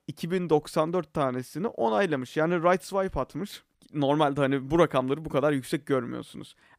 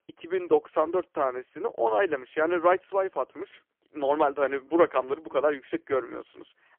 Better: first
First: none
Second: phone-call audio; poor line; nothing above 3.5 kHz

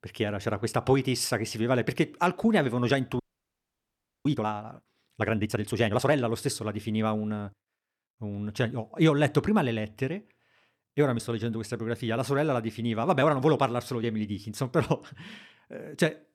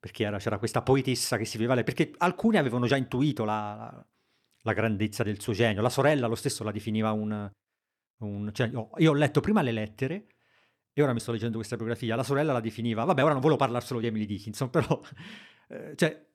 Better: second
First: audio freezing; at 3 s for 1 s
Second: none

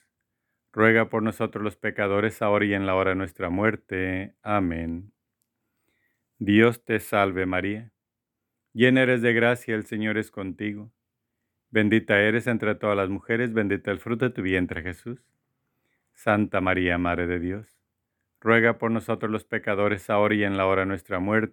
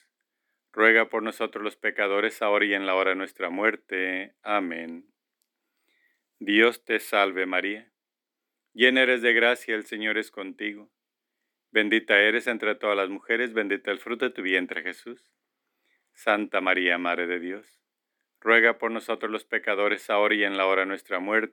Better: first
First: none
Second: thin; somewhat; fading below 300 Hz

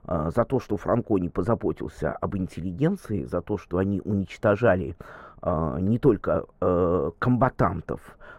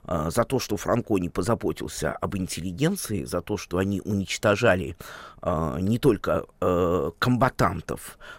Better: second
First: muffled; very; fading above 2.5 kHz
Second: none

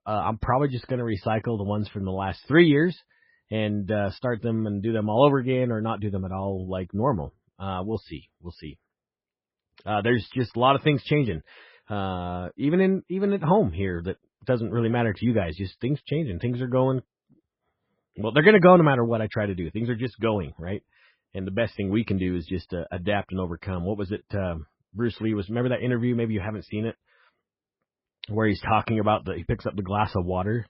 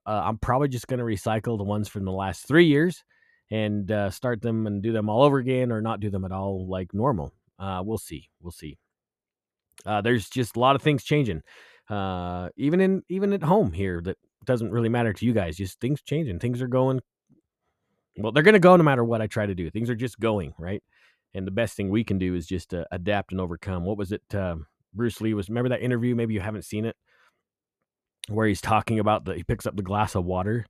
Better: second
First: garbled, watery; badly; nothing above 5.5 kHz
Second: none

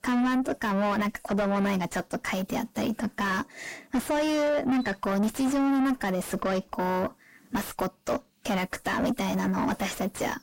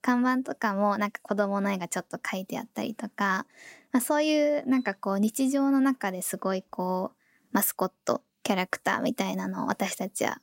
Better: second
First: distortion; heavy; 5 dB below the speech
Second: none

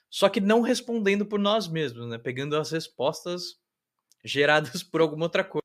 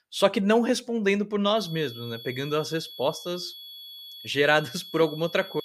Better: first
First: none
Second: high-pitched whine; noticeable; from 1.5 s on; 3.5 kHz, 15 dB below the speech

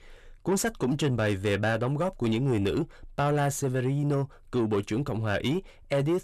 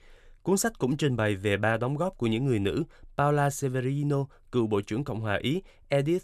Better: second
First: distortion; slight; 10 dB below the speech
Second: none

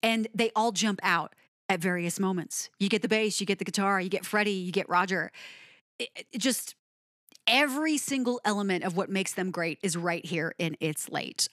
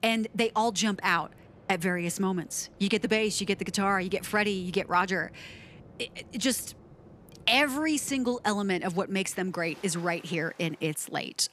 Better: first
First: none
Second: rain or running water; faint; throughout; 25 dB below the speech

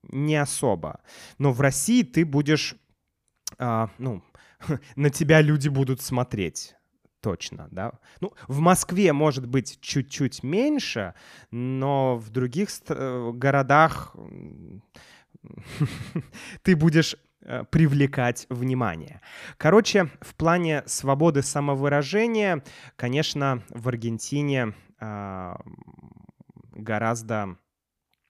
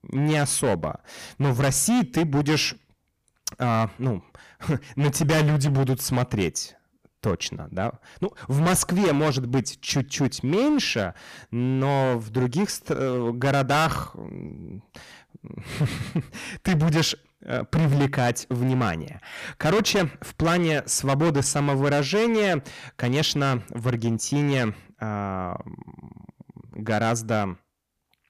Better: first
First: none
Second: distortion; heavy; 13% of the sound clipped

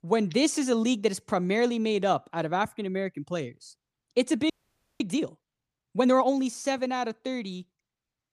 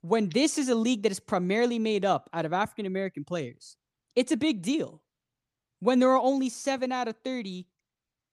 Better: second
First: audio freezing; at 4.5 s for 0.5 s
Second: none

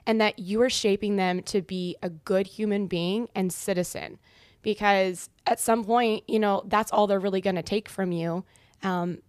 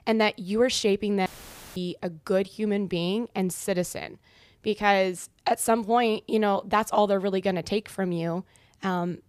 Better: first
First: none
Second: audio cutting out; filled with static; at 1.5 s for 0.5 s

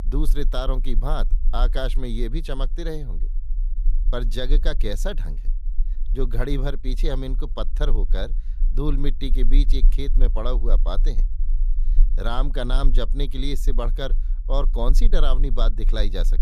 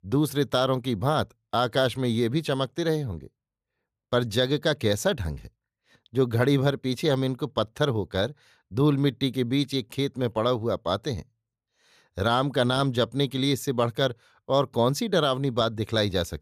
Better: second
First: low rumble; faint; throughout; 20 dB below the speech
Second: none

